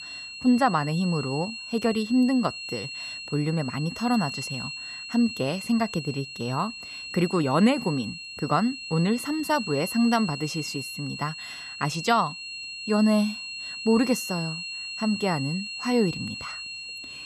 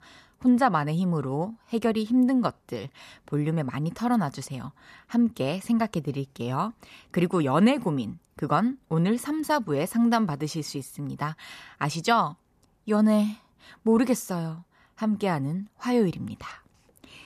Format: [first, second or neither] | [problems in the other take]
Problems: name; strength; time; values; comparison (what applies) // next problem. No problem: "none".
second | high-pitched whine; loud; throughout; 2.5 kHz, 8 dB below the speech